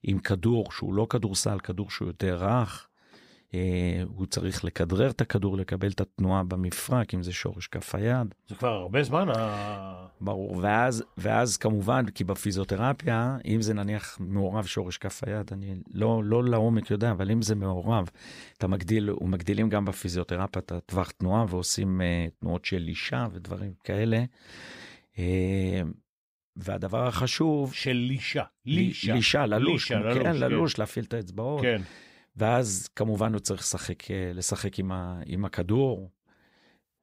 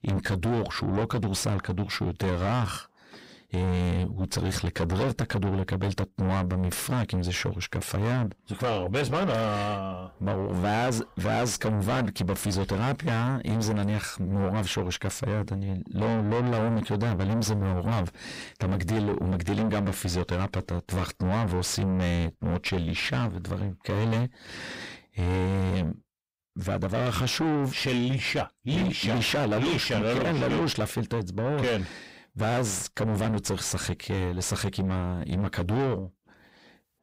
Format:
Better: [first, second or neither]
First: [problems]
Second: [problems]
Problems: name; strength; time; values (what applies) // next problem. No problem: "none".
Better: first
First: none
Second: distortion; heavy; 5 dB below the speech